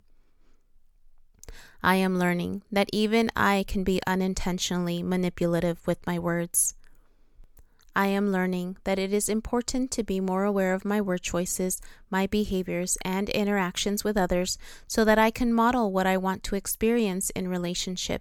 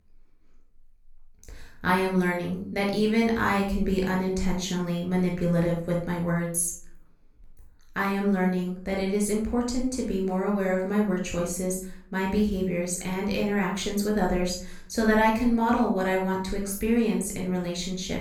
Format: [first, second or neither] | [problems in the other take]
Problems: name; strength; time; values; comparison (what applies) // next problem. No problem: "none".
first | off-mic speech; far // room echo; noticeable; dies away in 0.4 s